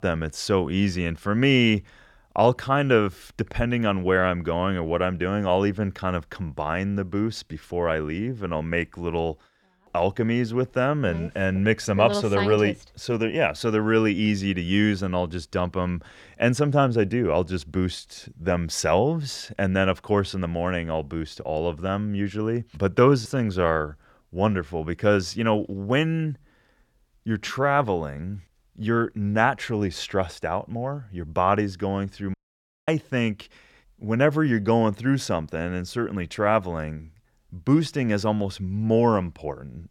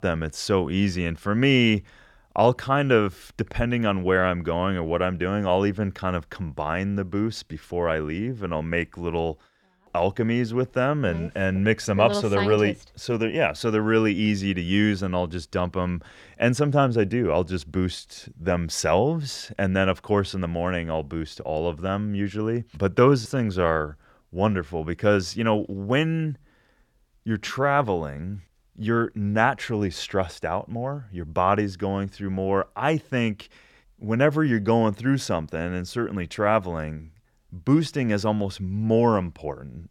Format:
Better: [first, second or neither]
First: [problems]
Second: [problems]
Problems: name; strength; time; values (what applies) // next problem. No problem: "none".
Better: second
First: audio cutting out; at 32 s for 0.5 s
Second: none